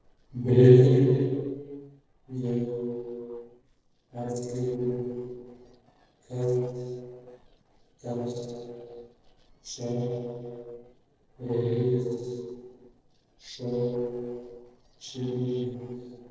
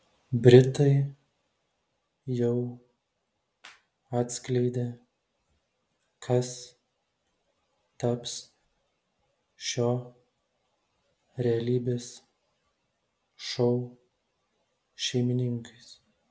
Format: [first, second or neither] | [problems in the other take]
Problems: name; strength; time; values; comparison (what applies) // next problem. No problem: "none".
second | noise reduction (neural separator model SepFormer DNS4)